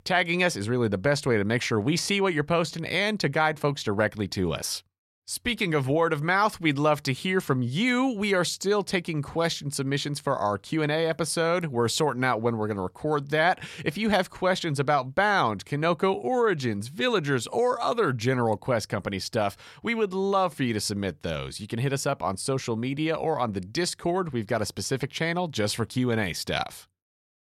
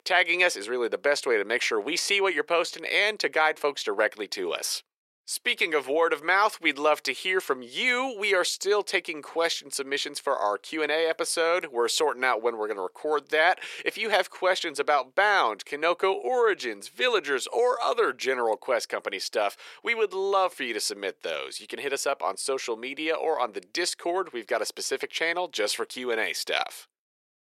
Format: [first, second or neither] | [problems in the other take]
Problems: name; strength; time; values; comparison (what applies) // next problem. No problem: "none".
first | thin; very; fading below 400 Hz